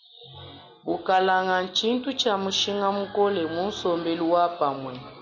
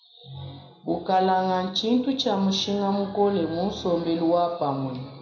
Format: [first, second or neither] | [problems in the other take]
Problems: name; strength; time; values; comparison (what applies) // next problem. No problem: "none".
first | room echo; dies away in 0.5 s